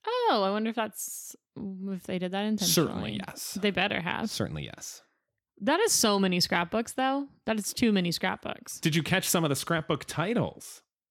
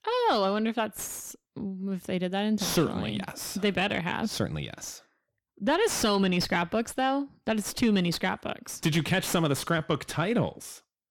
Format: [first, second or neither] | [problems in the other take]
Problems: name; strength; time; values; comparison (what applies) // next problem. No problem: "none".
first | distortion; slight; 10 dB below the speech